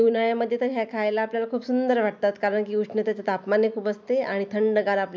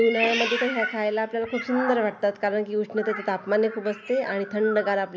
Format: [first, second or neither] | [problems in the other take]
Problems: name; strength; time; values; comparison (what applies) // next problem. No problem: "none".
first | background sound (Meow); 9 dB below the speech